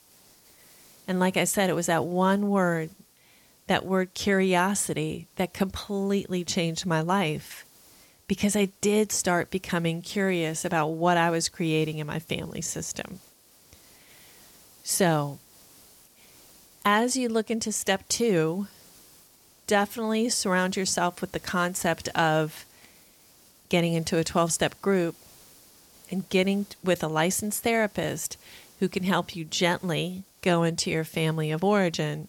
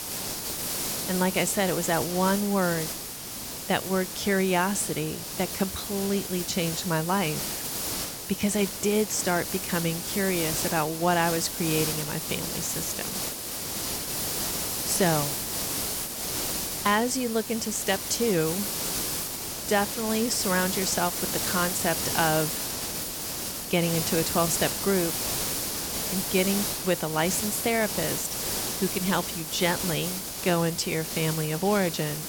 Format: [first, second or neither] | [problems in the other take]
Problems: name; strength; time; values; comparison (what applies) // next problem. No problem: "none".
first | hiss; loud; throughout; 2 dB below the speech; faint in the first